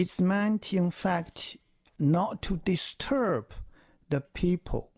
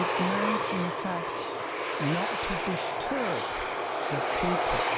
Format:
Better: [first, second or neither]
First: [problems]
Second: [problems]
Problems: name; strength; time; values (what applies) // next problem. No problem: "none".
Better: first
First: none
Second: background sound (Aircraft); 5 dB above the speech